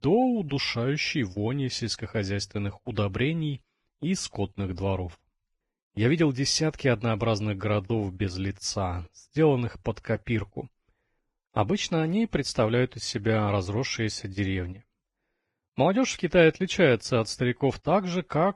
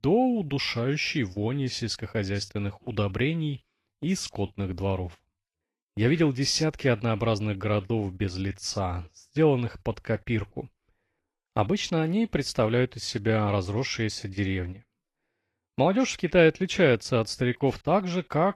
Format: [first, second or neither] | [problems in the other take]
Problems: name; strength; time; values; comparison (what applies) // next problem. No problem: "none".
second | garbled, watery; badly; nothing above 10.5 kHz; slightly in the second